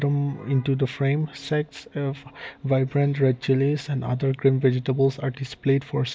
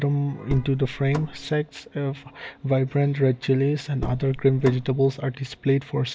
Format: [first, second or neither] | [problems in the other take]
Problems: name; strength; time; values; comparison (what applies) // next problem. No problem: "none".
first | background sound (Car); 11 dB below the speech